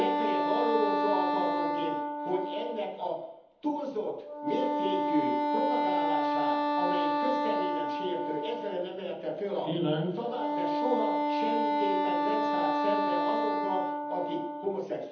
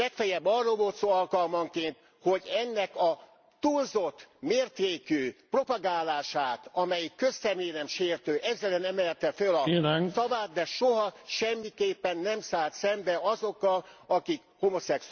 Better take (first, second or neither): second